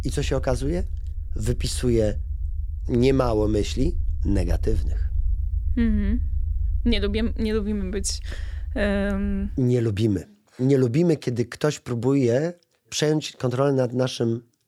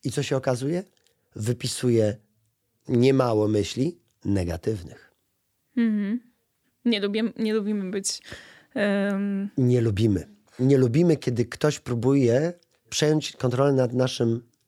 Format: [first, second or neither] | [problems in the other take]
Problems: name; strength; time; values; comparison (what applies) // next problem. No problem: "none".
second | low rumble; faint; until 9.5 s; 25 dB below the speech